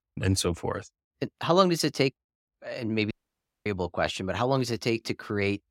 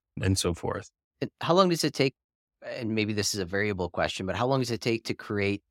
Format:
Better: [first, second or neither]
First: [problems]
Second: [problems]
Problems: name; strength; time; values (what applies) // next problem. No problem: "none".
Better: second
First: audio cutting out; at 3 s for 0.5 s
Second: none